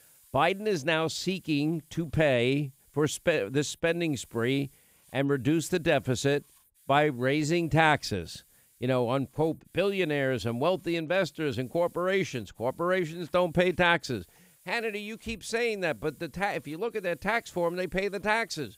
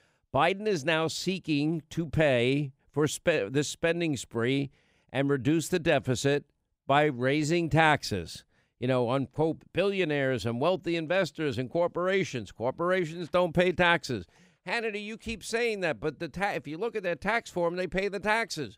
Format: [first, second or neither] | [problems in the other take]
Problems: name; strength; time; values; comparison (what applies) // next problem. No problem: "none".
second | hiss; faint; throughout; 30 dB below the speech